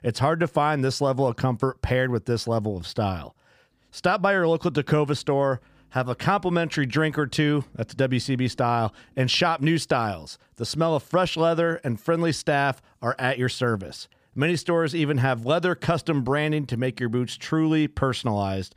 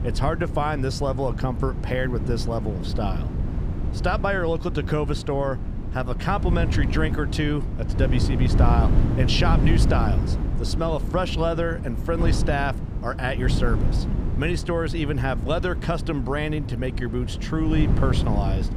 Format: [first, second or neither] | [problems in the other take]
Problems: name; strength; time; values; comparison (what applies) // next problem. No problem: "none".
first | wind noise on the microphone; heavy; 9 dB below the speech